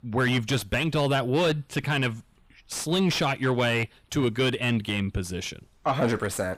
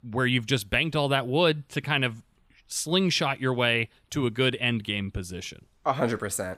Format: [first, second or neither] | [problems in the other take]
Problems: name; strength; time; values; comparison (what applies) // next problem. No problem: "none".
second | distortion; heavy; 8 dB below the speech